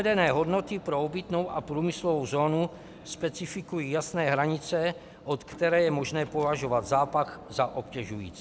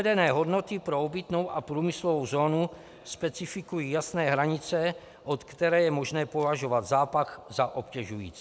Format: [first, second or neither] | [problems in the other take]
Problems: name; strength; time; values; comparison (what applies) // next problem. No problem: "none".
second | background sound (Motor vehicle (road) / Engine); 18 dB below the speech